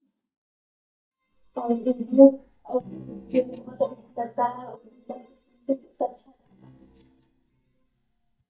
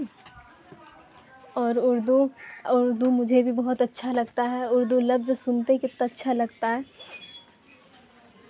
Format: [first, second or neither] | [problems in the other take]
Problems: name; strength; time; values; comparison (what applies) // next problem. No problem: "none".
second | noise reduction (neural mask model DeepFilterNet 3)